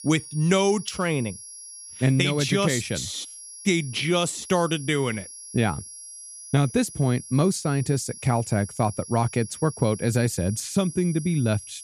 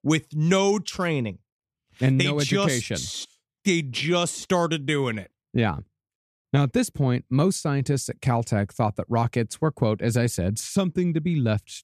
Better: second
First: high-pitched whine; noticeable; throughout; 10.5 kHz, 15 dB below the speech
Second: none

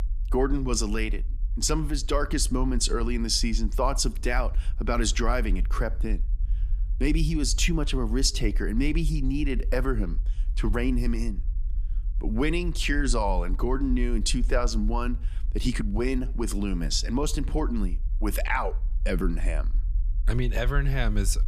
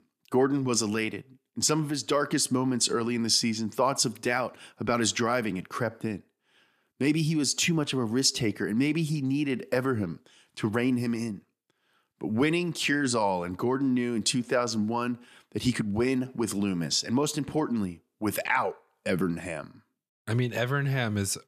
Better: second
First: low rumble; faint; throughout; 25 dB below the speech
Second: none

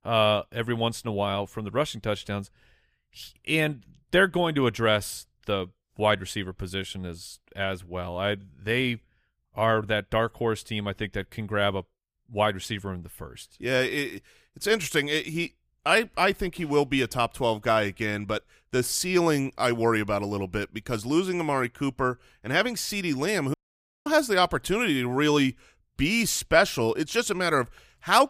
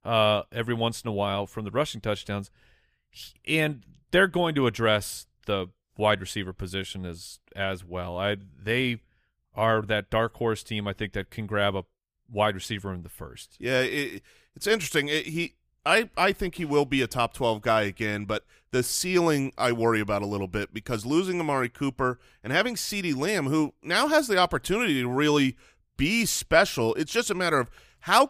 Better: second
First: audio cutting out; at 24 s for 0.5 s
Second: none

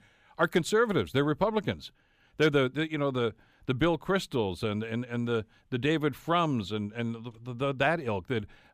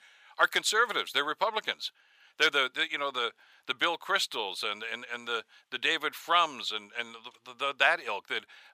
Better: first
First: none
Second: thin; very; fading below 950 Hz

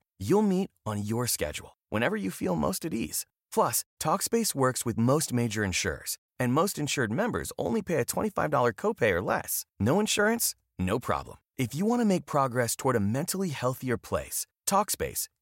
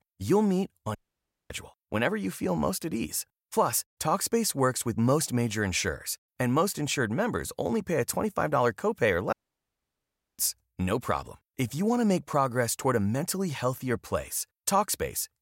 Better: first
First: none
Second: audio cutting out; at 1 s for 0.5 s and at 9.5 s for 1 s

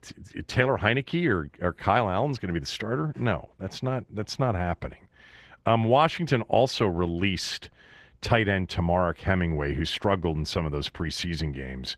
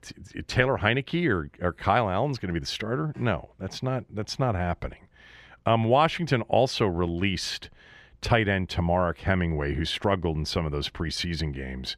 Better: second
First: garbled, watery; slightly; nothing above 14 kHz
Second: none

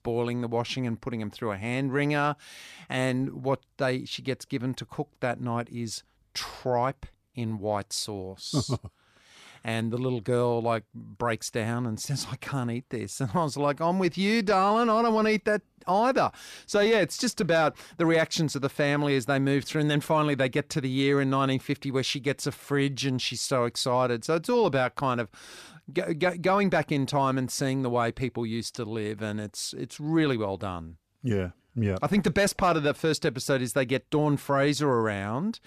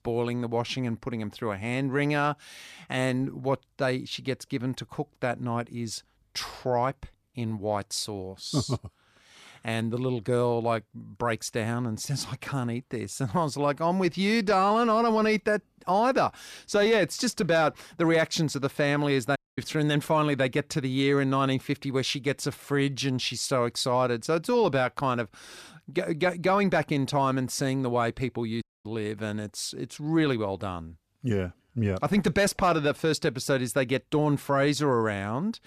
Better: first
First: none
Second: audio cutting out; at 19 s and at 29 s

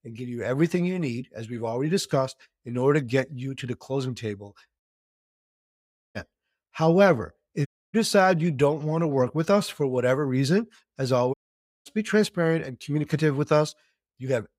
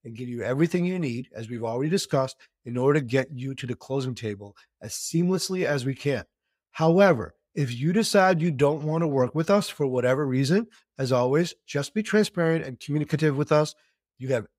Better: second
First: audio cutting out; at 5 s for 1.5 s, at 7.5 s and at 11 s for 0.5 s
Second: none

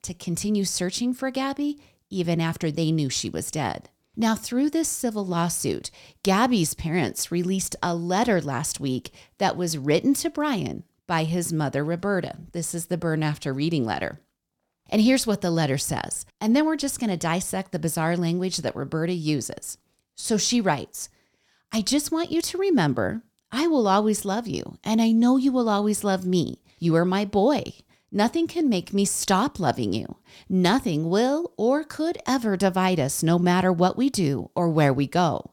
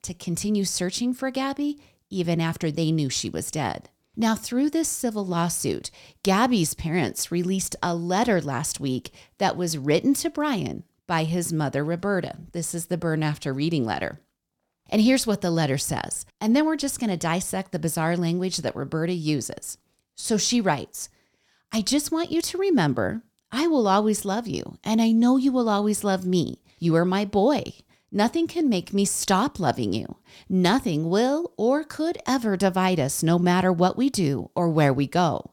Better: neither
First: none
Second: none

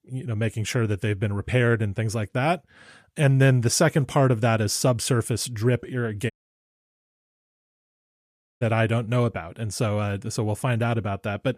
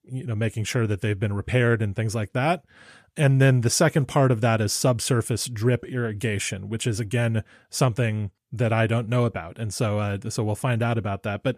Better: second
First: audio cutting out; at 6.5 s for 2.5 s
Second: none

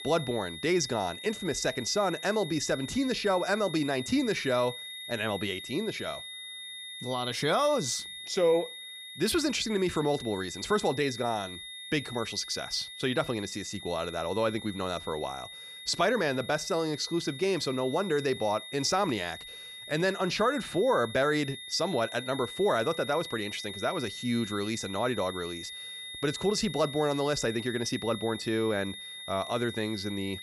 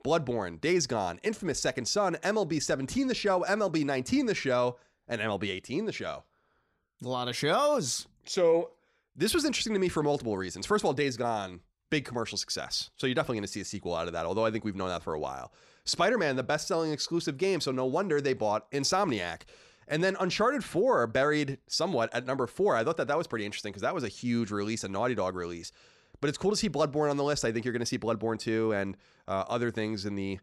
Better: second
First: high-pitched whine; noticeable; throughout; 3.5 kHz, 10 dB below the speech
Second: none

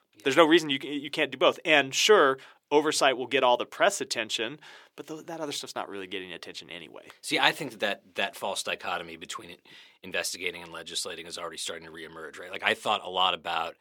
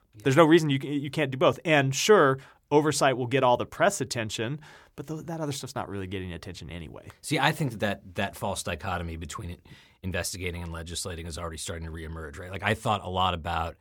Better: second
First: thin; somewhat; fading below 350 Hz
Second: none

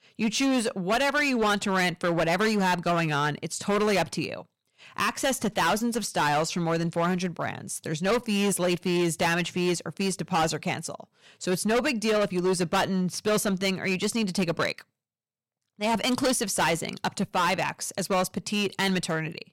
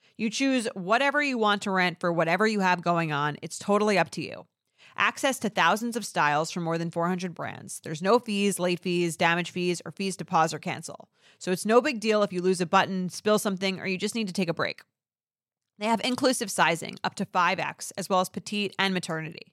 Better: second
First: distortion; heavy; 13% of the sound clipped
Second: none

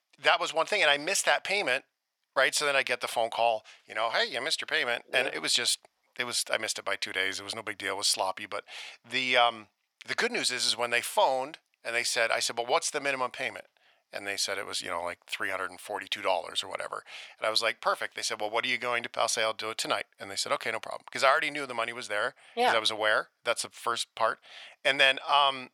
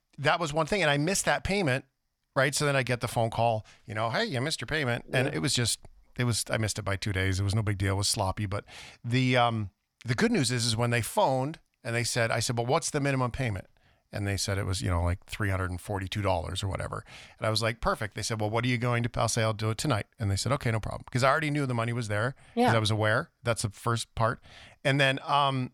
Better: second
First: thin; very; fading below 550 Hz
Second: none

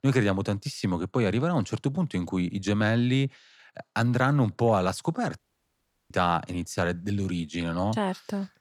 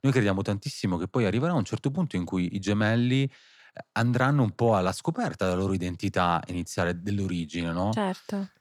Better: second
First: audio cutting out; at 5.5 s for 0.5 s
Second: none

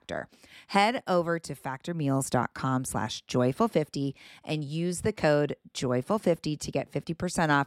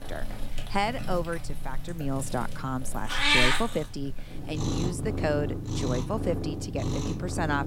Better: first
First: none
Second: animal sounds; very loud; throughout; 2 dB above the speech

